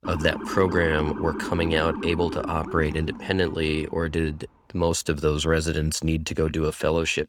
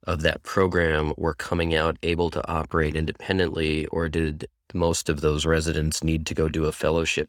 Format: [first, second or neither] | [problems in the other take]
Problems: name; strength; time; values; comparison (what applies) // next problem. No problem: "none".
second | siren; noticeable; until 4 s; peak 7 dB below the speech